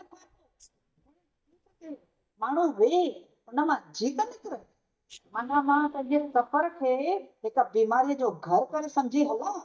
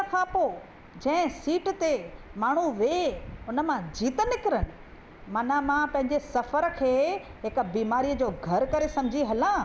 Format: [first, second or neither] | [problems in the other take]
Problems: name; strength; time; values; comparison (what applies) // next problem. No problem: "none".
second | noise reduction (neural mask model DeepFilterNet 3)